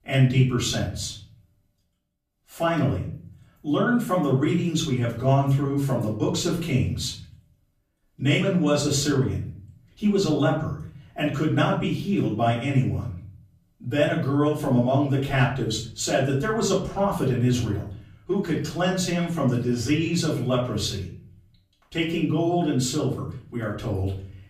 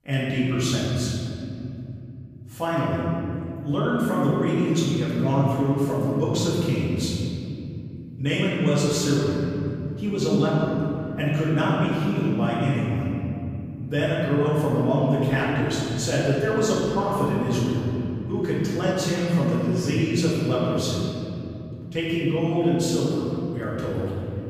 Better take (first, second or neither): first